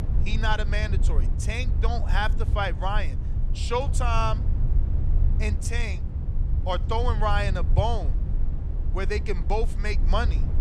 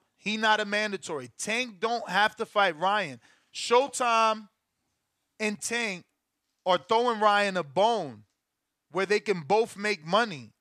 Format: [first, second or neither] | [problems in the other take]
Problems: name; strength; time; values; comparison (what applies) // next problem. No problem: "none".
second | low rumble; noticeable; throughout; 15 dB below the speech